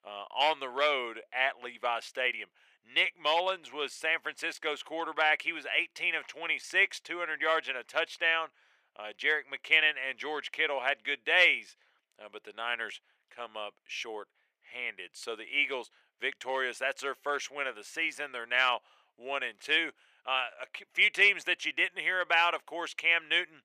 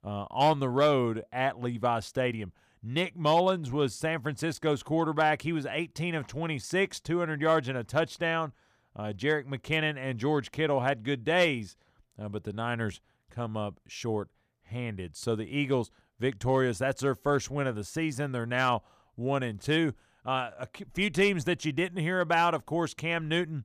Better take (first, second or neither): second